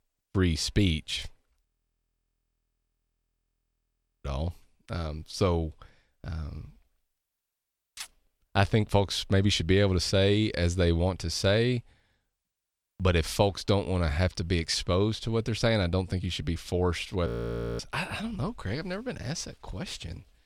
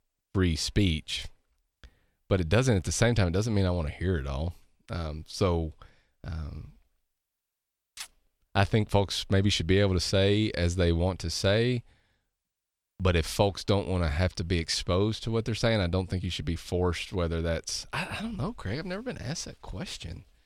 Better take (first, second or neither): second